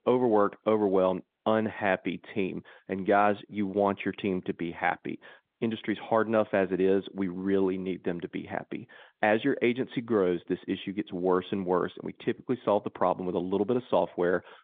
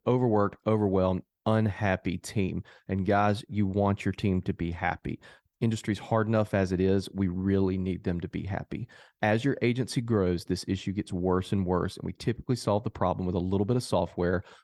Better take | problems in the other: second | phone-call audio; nothing above 3.5 kHz

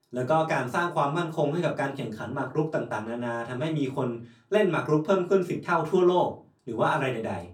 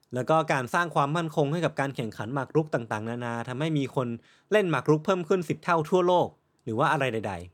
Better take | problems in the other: second | off-mic speech; far // room echo; very slight; dies away in 0.2 s

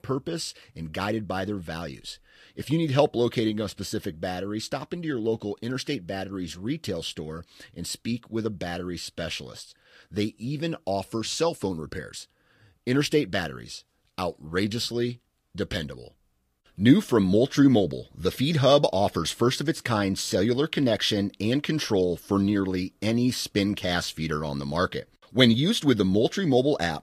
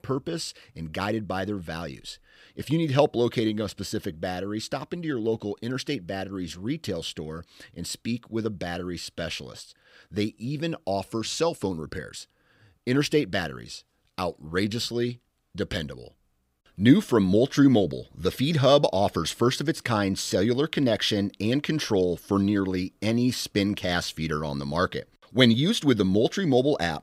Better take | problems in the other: second | garbled, watery; slightly; nothing above 15.5 kHz

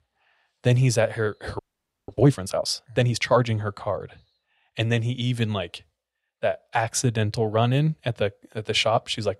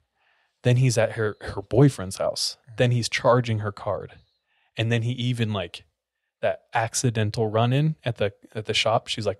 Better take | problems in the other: second | audio freezing; at 1.5 s

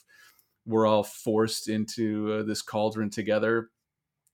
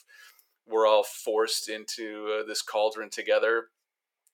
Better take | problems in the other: first | thin; very; fading below 450 Hz

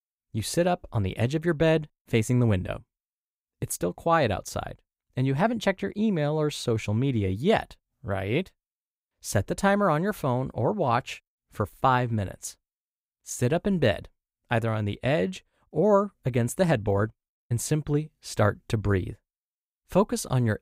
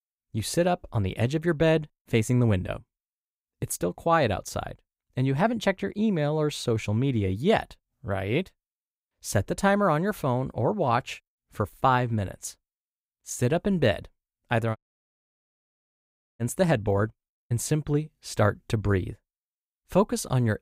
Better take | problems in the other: first | audio cutting out; at 15 s for 1.5 s

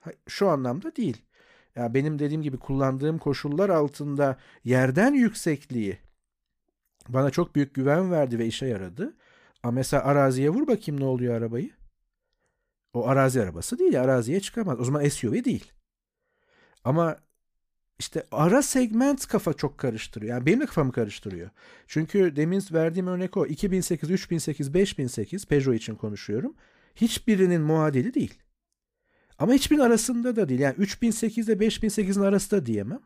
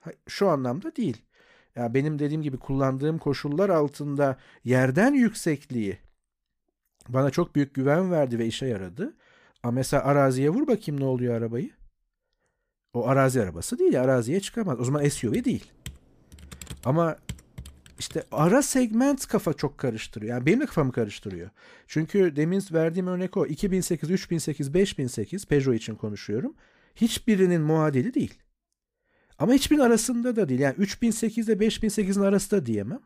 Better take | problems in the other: first | keyboard typing; faint; from 15 to 18 s; peak 15 dB below the speech

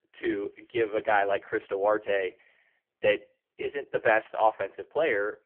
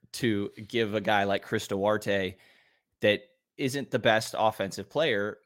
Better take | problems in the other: second | phone-call audio; poor line

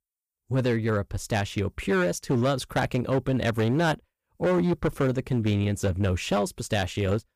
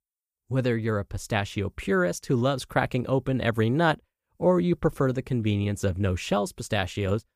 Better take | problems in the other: second | distortion; slight; 9% of the sound clipped

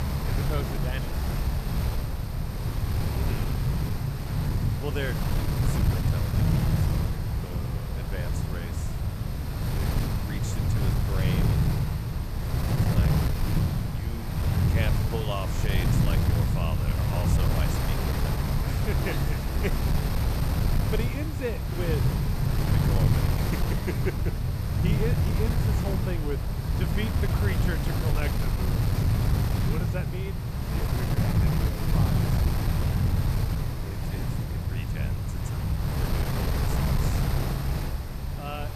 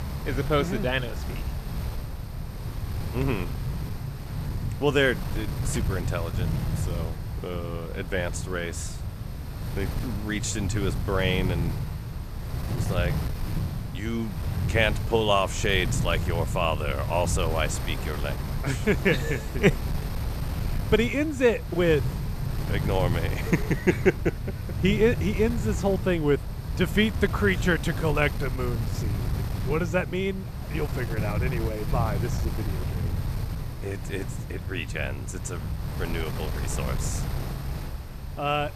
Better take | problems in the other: second | wind noise on the microphone; heavy; 3 dB above the speech; occasional gusts in the second

